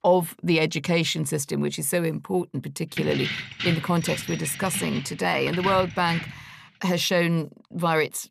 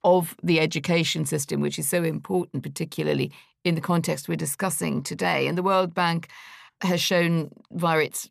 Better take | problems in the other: second | jangling keys; noticeable; from 3 to 6.5 s; peak 4 dB below the speech

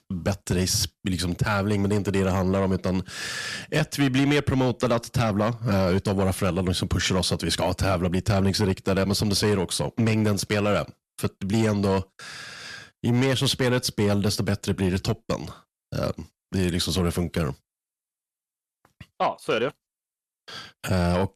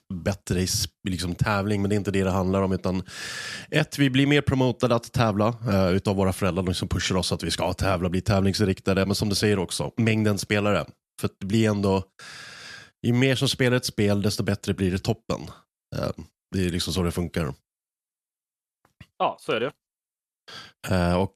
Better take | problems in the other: second | distortion; slight; 10 dB below the speech

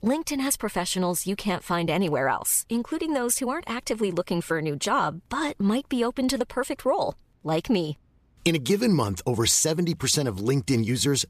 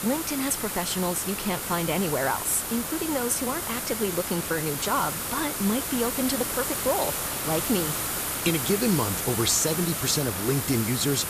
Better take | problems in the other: first | hiss; loud; throughout; 1 dB below the speech

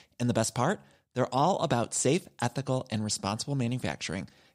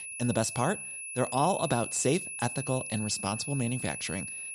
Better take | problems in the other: first | high-pitched whine; loud; throughout; 10.5 kHz, 6 dB below the speech

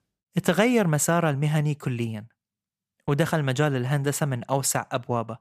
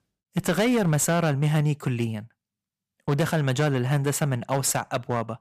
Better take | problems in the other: first | distortion; slight; 9% of the sound clipped

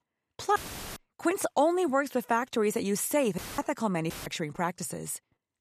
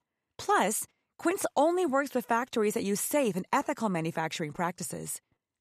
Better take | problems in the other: second | audio cutting out; filled with static; at 0.5 s, at 3.5 s and at 4 s

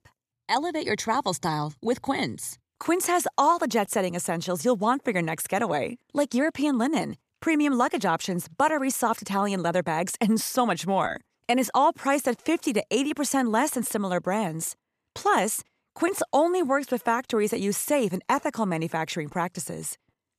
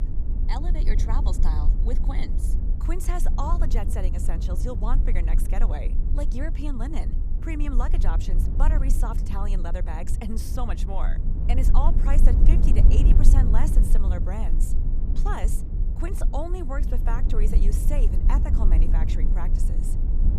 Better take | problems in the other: first | low rumble; loud; throughout; 6 dB below the speech

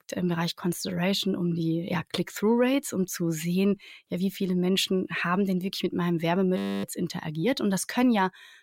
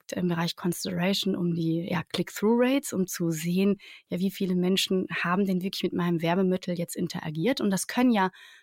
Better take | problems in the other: second | audio freezing; at 6.5 s

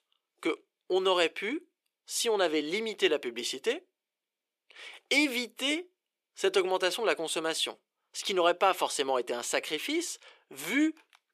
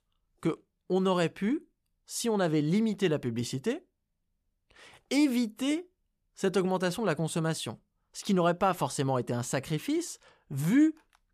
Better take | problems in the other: second | thin; somewhat; fading below 350 Hz

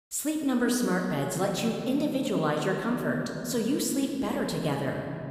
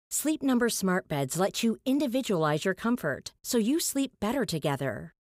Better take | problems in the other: second | room echo; noticeable; dies away in 2.4 s

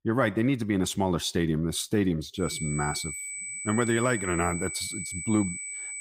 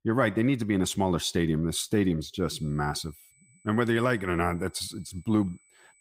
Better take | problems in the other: second | high-pitched whine; loud; from 2.5 s on; 8 kHz, 6 dB below the speech; faint in the second

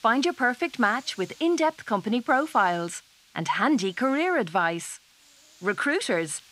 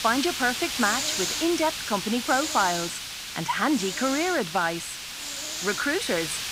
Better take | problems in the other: first | hiss; loud; throughout; 3 dB below the speech; faint in the first

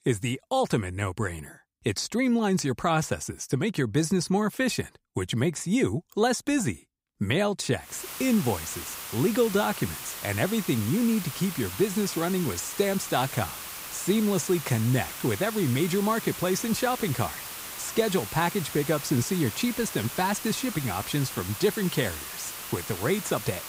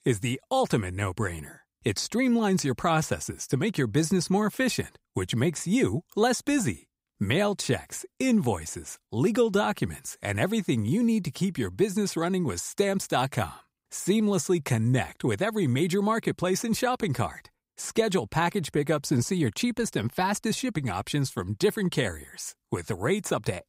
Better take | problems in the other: second | hiss; loud; from 8 s on; 8 dB below the speech

